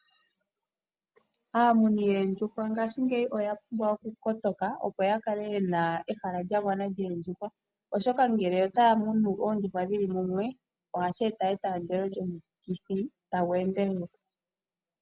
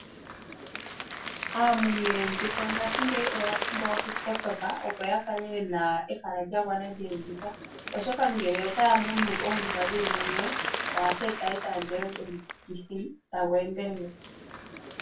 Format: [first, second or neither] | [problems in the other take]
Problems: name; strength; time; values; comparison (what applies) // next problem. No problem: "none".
first | background sound (Applause); 4 dB below the speech // room echo; dies away in 0.2 s